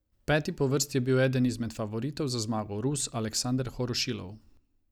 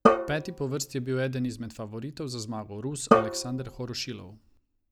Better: first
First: none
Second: background sound (Drum); 5 dB above the speech

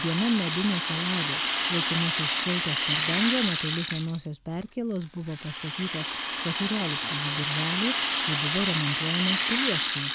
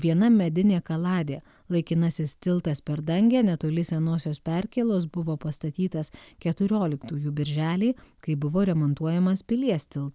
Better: second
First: background sound (Rattle (instrument)); 1 dB above the speech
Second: none

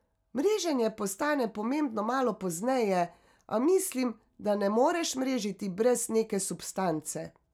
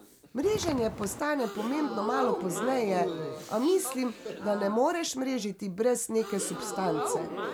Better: first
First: none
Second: background sound (Crowd / Gasp + Walk, footsteps); 7 dB below the speech

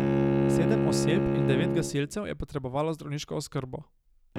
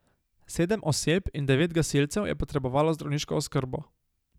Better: second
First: background sound (Bowed string instrument); 4 dB above the speech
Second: none

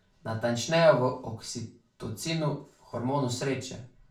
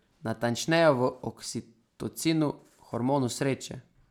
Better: second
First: room echo; dies away in 0.3 s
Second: none

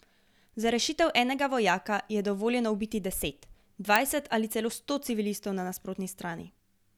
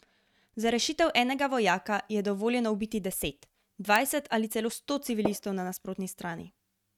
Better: first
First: none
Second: noise reduction (neural mask model RNNoise)

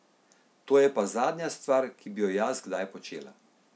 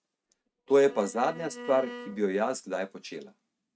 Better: first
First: none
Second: noise reduction (neural mask model RNNoise)

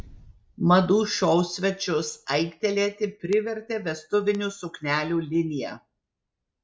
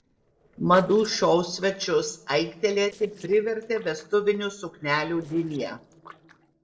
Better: first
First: none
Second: noise reduction (neural separator model SepFormer DNS4)

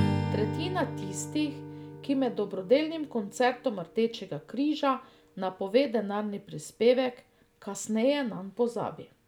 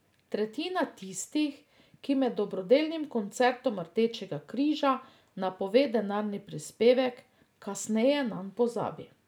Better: second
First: background sound (Strum); 9 dB below the speech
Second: none

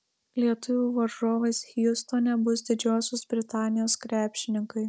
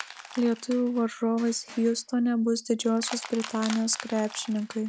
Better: first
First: none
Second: background sound (Crushing); 16 dB below the speech

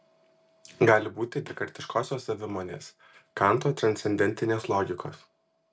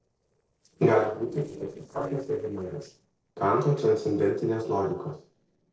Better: first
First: none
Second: noise reduction (neural separator model SepFormer DNS4)

